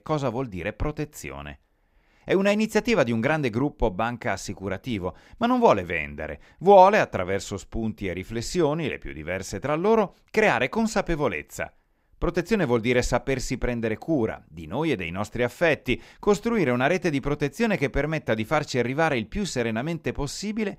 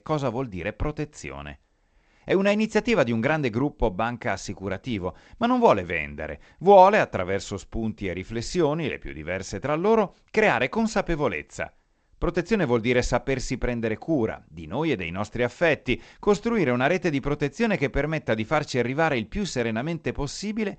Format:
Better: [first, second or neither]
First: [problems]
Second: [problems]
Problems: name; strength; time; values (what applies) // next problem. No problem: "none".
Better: first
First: none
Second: garbled, watery; slightly; nothing above 8 kHz